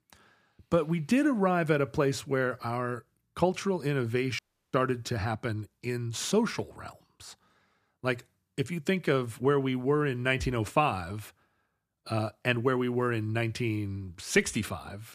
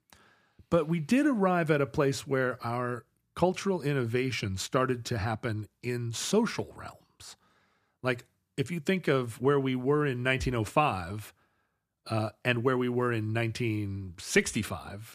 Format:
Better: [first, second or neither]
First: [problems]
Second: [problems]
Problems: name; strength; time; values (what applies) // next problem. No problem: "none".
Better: second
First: audio cutting out; at 4.5 s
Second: none